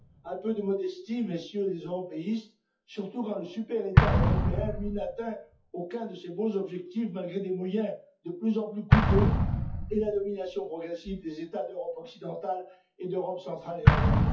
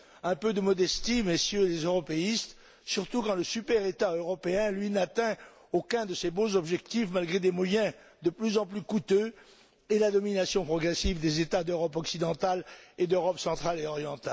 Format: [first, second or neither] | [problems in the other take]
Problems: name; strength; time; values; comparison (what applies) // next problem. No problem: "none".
second | noise reduction (classical method WPE with log-MMSE)